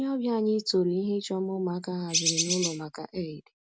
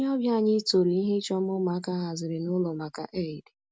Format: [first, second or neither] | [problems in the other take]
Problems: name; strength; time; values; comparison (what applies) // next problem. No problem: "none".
second | background sound (Bird); 1 dB above the speech